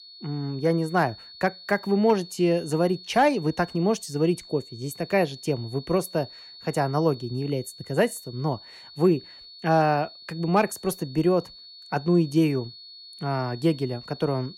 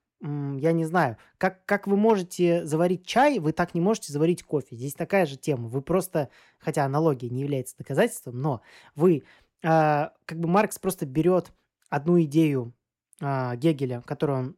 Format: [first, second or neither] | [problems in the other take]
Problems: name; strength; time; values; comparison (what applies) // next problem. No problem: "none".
second | high-pitched whine; noticeable; throughout; 4.5 kHz, 15 dB below the speech